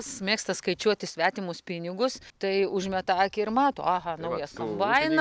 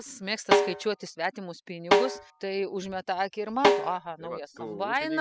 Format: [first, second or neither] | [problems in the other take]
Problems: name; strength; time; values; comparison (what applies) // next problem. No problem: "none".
first | noise reduction (classical method spectral subtraction)